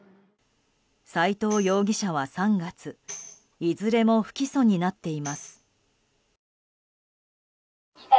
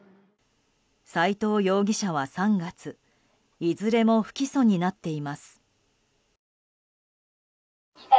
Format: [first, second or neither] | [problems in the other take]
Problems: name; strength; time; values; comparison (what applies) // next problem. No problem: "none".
second | background sound (Tambourine); 19 dB below the speech